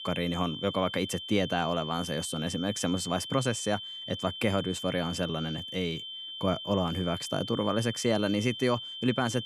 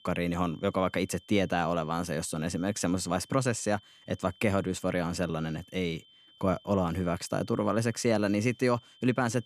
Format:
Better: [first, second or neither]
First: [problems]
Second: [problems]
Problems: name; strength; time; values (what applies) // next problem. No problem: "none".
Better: second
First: high-pitched whine; loud; throughout; 3 kHz, 7 dB below the speech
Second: high-pitched whine; faint; throughout; 3 kHz, 25 dB below the speech